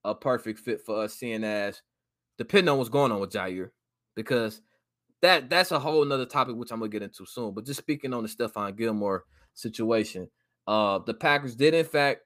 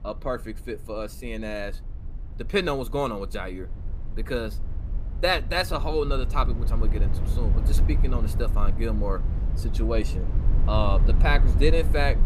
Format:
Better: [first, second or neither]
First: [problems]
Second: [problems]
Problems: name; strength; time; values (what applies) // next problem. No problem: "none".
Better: first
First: none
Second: low rumble; noticeable; throughout; 15 dB below the speech